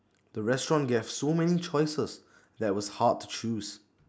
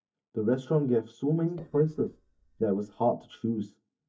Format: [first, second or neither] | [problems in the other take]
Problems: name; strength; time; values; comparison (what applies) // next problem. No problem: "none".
first | noise reduction (neural mask model DeepFilterNet 3)